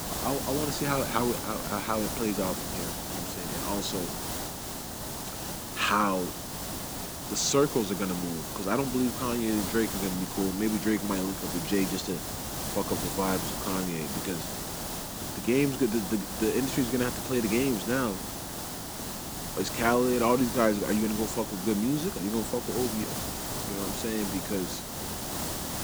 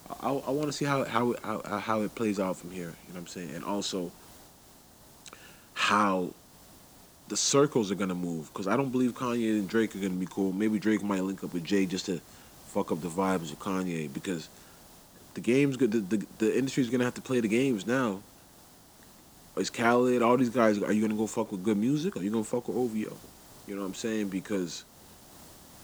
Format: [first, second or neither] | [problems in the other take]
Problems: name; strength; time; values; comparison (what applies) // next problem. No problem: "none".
second | hiss; loud; throughout; 4 dB below the speech; faint in the second